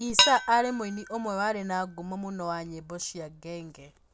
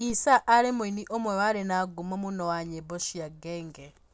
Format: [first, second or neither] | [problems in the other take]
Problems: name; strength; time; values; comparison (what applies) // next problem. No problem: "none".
second | background sound (Dishes, pots, and pans); 2 dB below the speech